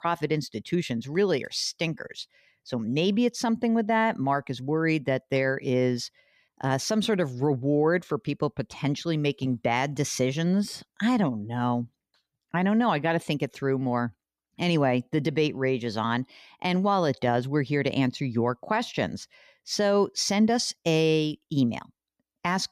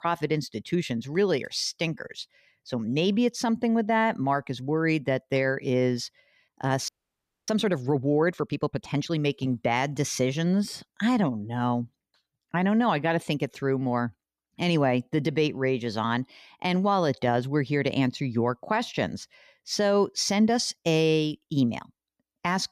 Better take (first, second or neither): first